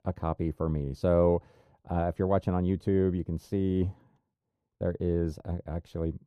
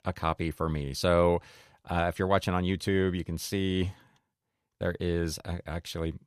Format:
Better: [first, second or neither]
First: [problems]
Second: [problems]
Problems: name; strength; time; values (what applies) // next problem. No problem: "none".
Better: second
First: muffled; very; fading above 1 kHz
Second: none